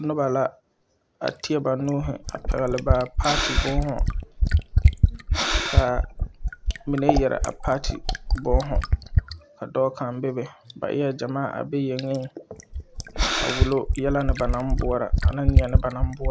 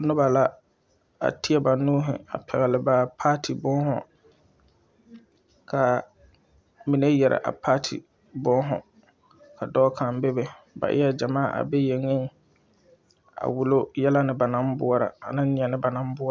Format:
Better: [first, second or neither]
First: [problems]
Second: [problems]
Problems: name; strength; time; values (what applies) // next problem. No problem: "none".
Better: second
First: background sound (Fill (with liquid) + Breathing); 3 dB above the speech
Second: none